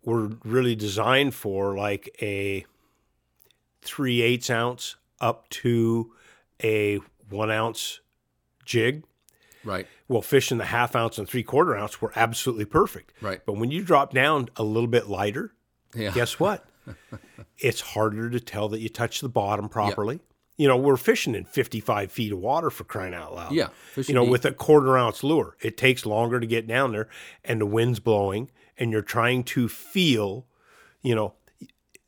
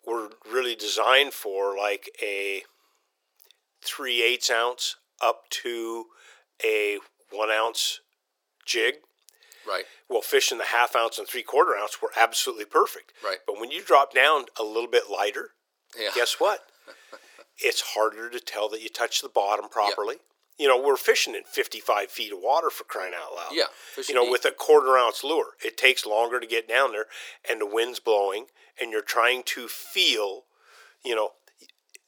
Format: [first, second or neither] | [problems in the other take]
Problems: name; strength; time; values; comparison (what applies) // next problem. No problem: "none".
first | thin; very; fading below 450 Hz